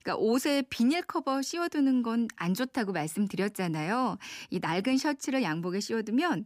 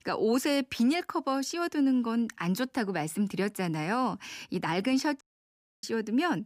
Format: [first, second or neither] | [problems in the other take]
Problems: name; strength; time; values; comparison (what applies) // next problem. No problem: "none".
first | audio cutting out; at 5 s for 0.5 s